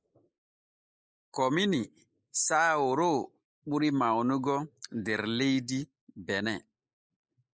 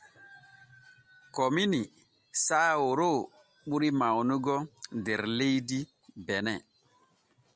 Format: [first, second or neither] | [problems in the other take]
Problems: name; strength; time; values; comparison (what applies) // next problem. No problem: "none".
second | noise reduction (neural mask model Resemble Enhance denoiser)